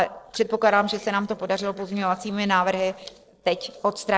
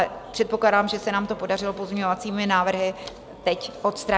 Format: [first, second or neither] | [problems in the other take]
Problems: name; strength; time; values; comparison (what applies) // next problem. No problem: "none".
second | noise reduction (neural separator model SepFormer DNS4)